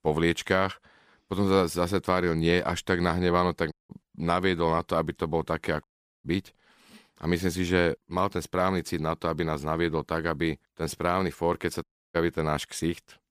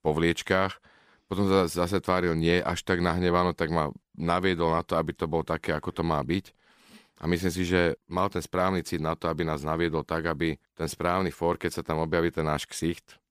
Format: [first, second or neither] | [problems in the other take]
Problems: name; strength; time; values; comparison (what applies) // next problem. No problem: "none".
second | audio cutting out; at 3.5 s, at 6 s and at 12 s